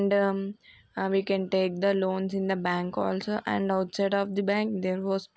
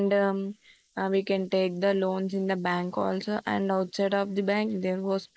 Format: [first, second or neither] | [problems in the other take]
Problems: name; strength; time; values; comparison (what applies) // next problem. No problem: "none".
first | noise reduction (neural mask model Resemble Enhance denoiser)